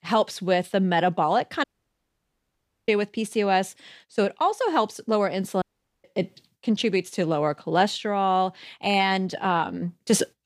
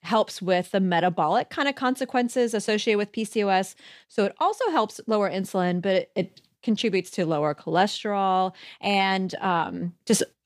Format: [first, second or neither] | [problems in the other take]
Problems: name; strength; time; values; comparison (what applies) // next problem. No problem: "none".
second | audio cutting out; at 1.5 s for 1 s and at 5.5 s